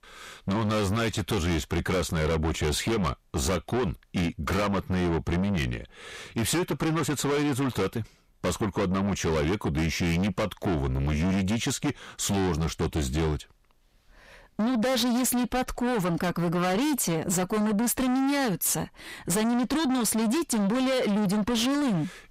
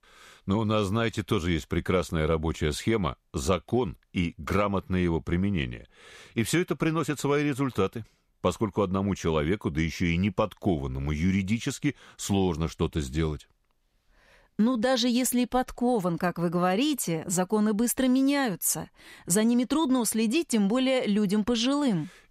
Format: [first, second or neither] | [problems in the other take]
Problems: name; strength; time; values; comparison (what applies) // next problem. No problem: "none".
second | distortion; heavy; 6 dB below the speech